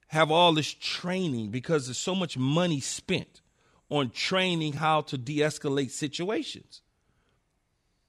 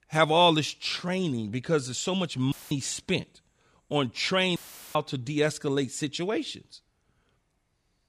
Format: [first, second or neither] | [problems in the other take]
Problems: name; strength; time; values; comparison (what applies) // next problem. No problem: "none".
first | audio cutting out; filled with static; at 2.5 s and at 4.5 s